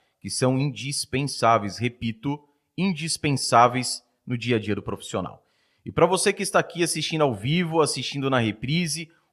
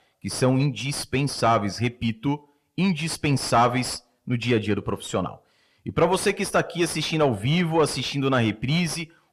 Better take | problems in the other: first | distortion; slight; 10 dB below the speech

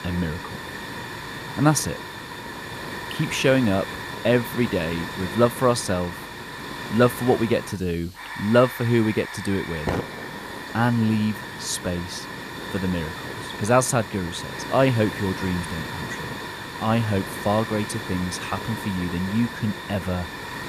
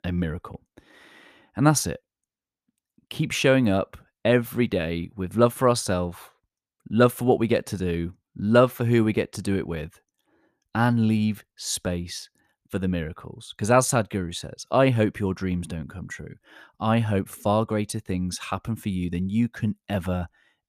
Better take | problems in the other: second | hiss; loud; throughout; 9 dB below the speech

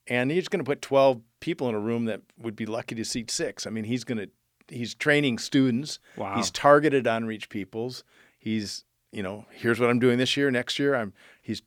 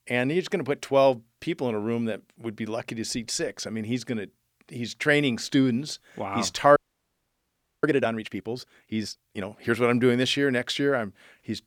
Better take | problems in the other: first | audio freezing; at 7 s for 1 s

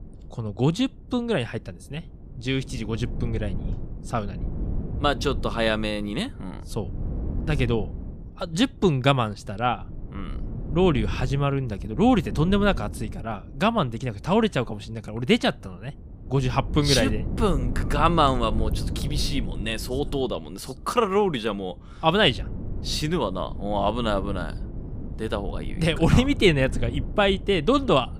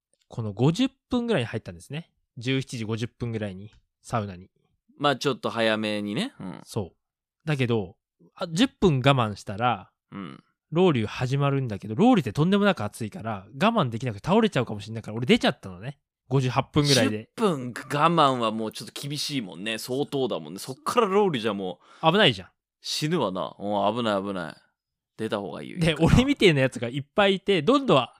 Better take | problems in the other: second | wind noise on the microphone; occasional gusts; 20 dB below the speech

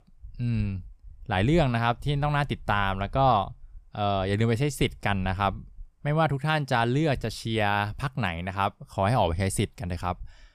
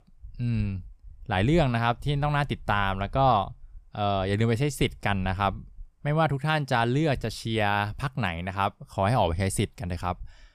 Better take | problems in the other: neither | none

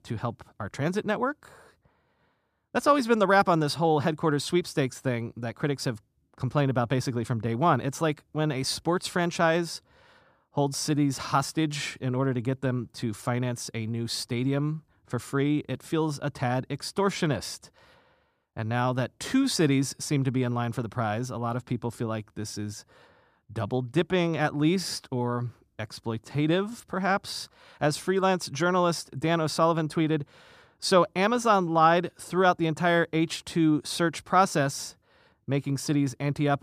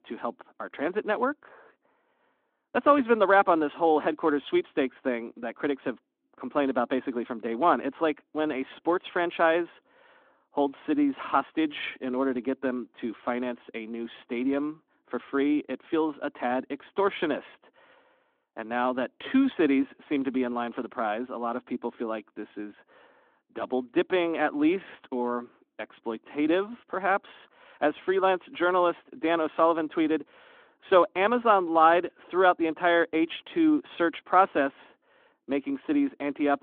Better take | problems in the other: first | phone-call audio; nothing above 3.5 kHz

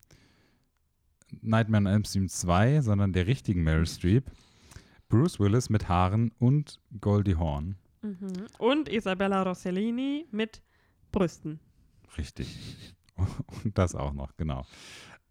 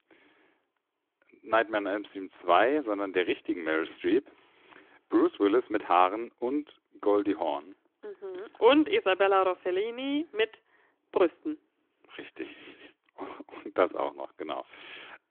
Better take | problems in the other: first | phone-call audio; nothing above 3.5 kHz

